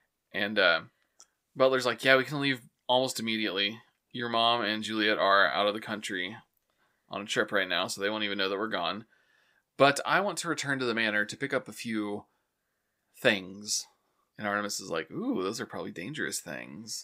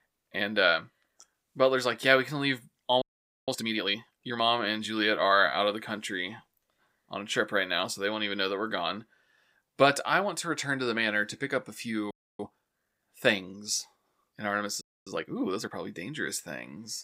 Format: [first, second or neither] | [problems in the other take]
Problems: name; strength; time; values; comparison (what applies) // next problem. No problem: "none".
first | audio freezing; at 3 s, at 12 s and at 15 s